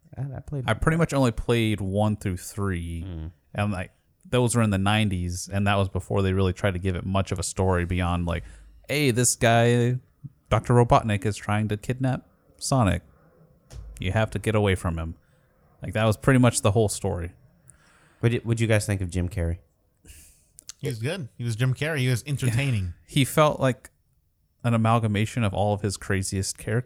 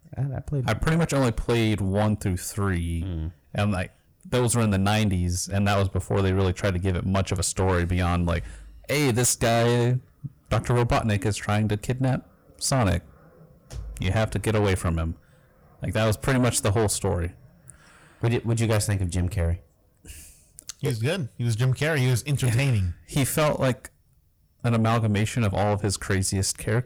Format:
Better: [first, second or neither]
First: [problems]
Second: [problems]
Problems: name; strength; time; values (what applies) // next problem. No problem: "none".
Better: first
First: none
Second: distortion; heavy; 7 dB below the speech